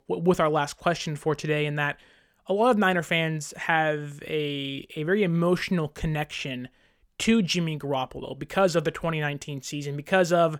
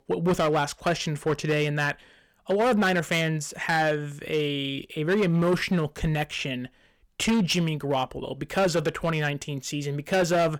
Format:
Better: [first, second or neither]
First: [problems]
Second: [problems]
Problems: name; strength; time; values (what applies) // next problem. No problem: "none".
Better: first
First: none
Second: distortion; slight; 8% of the sound clipped